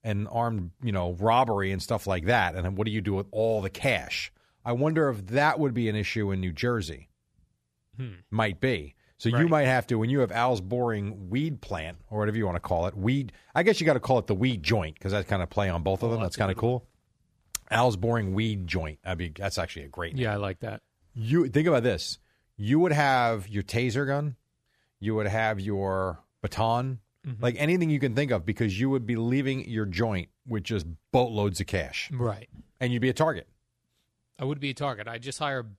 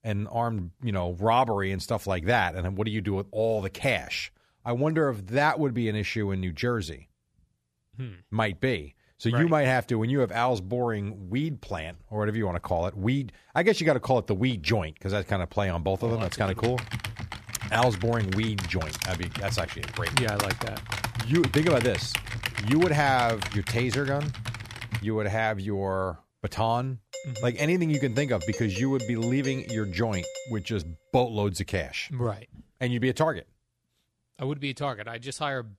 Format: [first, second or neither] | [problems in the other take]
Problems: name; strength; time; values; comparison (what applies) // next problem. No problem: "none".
first | keyboard typing; loud; from 16 to 25 s; peak 1 dB above the speech // doorbell; noticeable; from 27 to 31 s; peak 9 dB below the speech